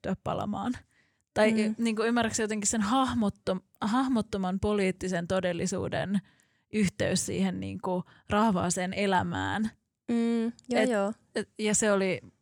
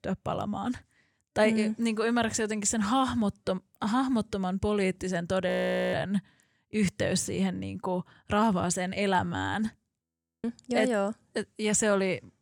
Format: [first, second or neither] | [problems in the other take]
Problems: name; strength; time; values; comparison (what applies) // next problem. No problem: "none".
first | audio freezing; at 5.5 s and at 10 s